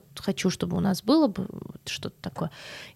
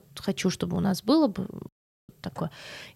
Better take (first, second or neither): first